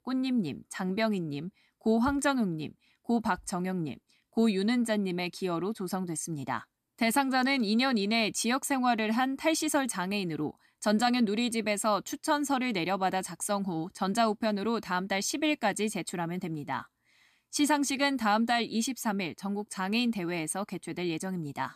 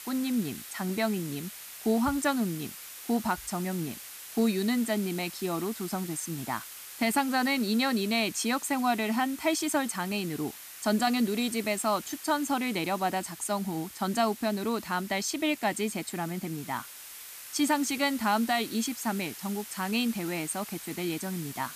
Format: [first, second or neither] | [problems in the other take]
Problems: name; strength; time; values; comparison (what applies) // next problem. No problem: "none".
first | hiss; noticeable; throughout; 10 dB below the speech